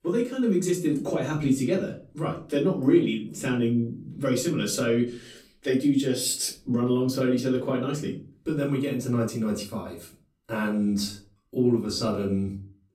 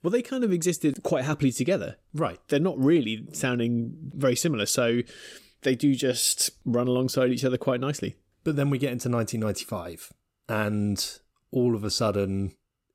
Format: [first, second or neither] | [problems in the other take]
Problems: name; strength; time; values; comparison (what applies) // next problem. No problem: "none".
second | off-mic speech; far // room echo; very slight; dies away in 0.3 s